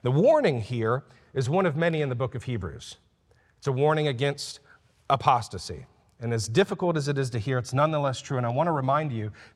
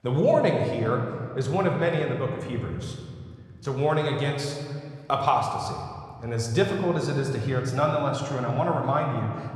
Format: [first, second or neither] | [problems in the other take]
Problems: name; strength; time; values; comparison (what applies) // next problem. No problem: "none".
first | room echo; noticeable; dies away in 1.8 s